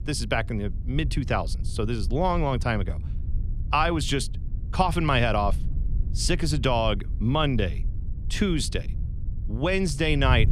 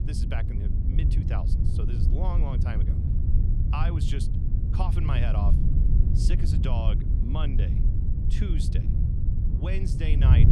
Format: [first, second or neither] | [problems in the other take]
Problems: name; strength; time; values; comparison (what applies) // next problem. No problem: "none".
first | wind noise on the microphone; heavy; 2 dB below the speech; occasional gusts in the first